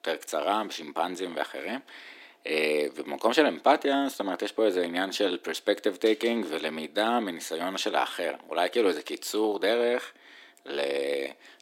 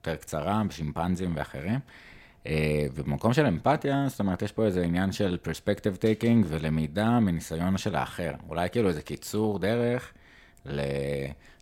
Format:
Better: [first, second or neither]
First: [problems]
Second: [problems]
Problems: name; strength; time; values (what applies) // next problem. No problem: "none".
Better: second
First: thin; somewhat; fading below 300 Hz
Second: none